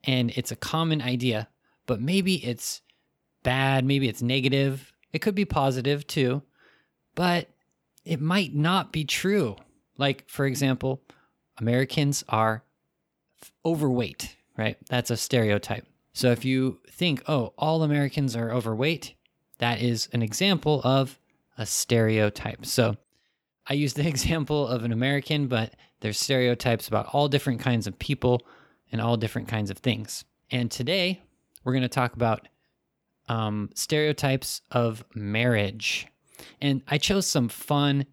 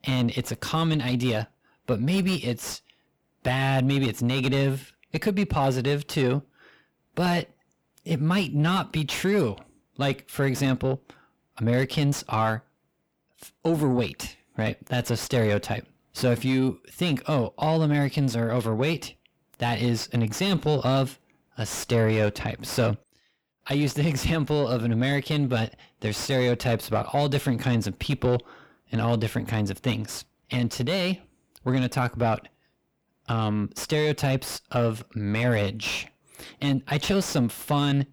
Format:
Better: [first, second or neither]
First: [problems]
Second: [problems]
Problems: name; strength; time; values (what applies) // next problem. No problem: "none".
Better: first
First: none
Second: distortion; slight; 10 dB below the speech